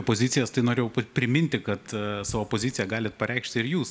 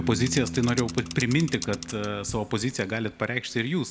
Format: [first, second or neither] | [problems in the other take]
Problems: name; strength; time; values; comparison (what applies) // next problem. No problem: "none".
first | background sound (Piano + Mechanisms / Bicycle); 10 dB below the speech